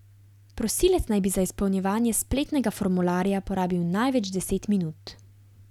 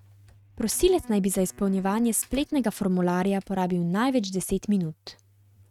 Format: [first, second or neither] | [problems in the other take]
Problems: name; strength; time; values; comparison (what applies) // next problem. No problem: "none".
first | noise reduction (neural mask model RNNoise)